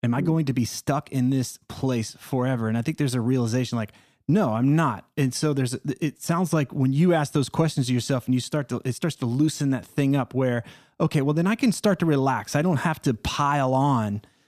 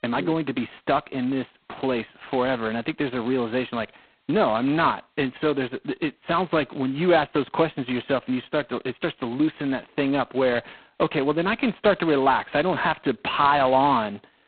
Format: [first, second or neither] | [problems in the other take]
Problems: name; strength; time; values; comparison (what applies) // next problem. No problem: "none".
first | phone-call audio; poor line; nothing above 4 kHz